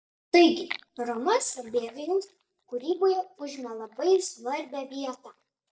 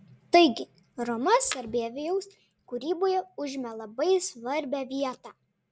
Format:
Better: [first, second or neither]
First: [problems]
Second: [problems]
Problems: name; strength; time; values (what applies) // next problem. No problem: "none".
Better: second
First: noise reduction (neural mask model DeepFilterNet 3)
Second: none